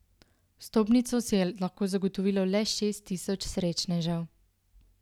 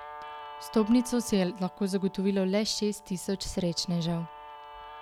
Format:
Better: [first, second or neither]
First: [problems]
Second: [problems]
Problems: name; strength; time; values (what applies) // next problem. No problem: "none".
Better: first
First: none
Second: background sound (Guitar); 17 dB below the speech